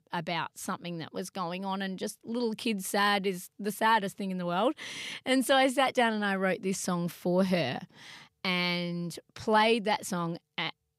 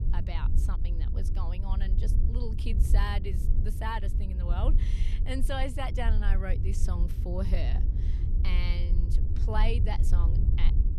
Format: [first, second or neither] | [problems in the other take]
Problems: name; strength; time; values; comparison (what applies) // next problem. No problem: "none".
first | low rumble; loud; throughout; 8 dB below the speech